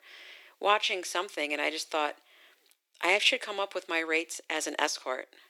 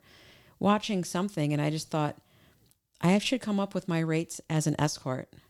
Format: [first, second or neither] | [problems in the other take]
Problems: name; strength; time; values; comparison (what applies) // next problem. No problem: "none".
second | thin; very; fading below 350 Hz